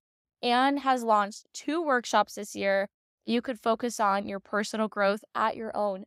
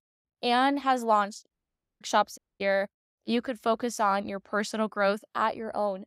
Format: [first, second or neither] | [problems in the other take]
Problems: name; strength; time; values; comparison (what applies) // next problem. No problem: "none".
first | audio cutting out; at 1.5 s for 0.5 s and at 2.5 s